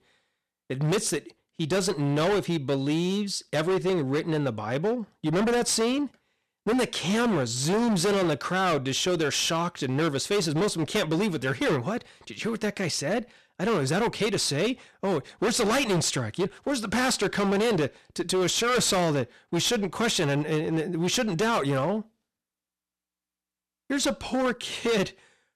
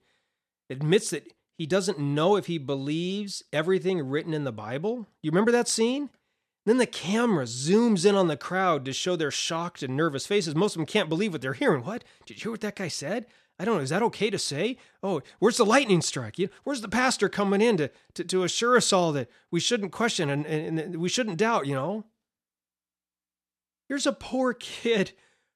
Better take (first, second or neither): second